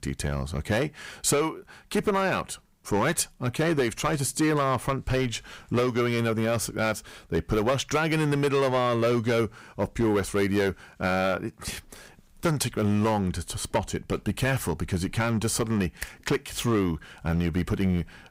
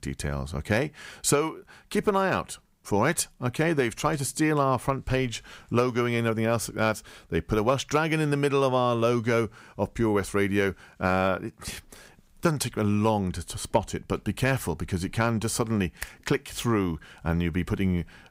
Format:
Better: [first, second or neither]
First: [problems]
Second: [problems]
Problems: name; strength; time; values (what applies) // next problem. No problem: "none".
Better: second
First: distortion; slight; 5% of the sound clipped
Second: none